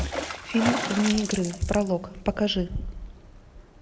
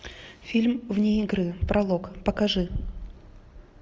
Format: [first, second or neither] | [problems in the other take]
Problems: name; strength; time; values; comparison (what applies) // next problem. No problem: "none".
second | background sound (Water / Splash, splatter); 7 dB below the speech